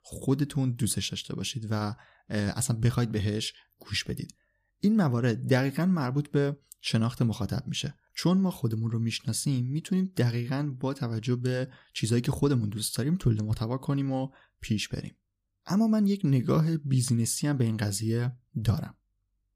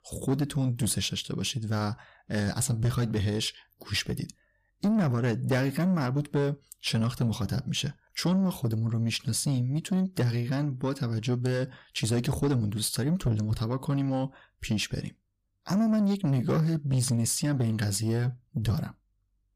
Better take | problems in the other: first | distortion; slight; 10 dB below the speech

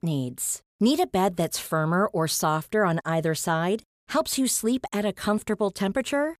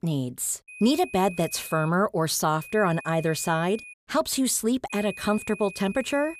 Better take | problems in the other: first | high-pitched whine; noticeable; from 0.5 to 2 s, from 2.5 to 4 s and from 5 s on; 2.5 kHz, 15 dB below the speech

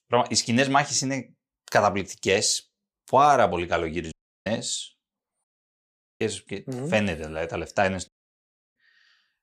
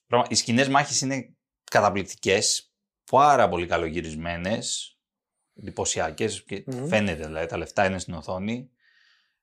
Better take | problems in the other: second | audio cutting out; at 4 s, at 5.5 s for 1 s and at 8 s for 0.5 s

